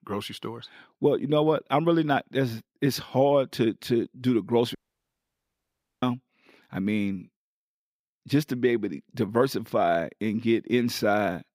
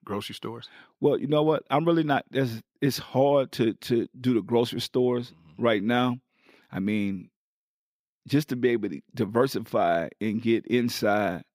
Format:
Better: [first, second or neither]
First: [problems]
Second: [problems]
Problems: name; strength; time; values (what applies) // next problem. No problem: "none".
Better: second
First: audio cutting out; at 5 s for 1.5 s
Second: none